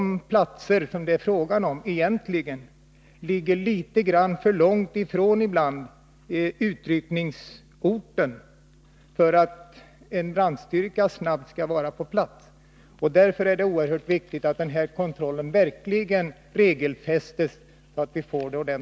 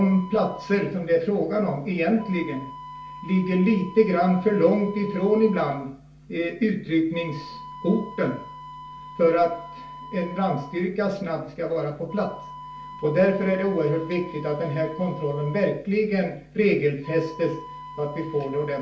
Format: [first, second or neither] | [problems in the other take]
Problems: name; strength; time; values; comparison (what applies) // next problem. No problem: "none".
first | background sound (Wind instrument, woodwind instrument); 17 dB below the speech // room echo; dies away in 0.4 s